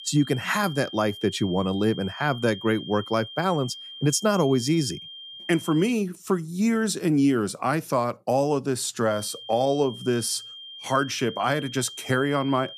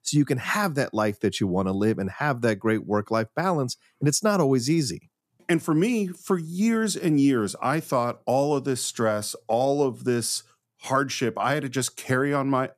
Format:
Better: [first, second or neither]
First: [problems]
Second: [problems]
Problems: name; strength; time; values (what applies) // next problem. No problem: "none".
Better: second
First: high-pitched whine; noticeable; until 6 s and from 9 s on; 3 kHz, 15 dB below the speech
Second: none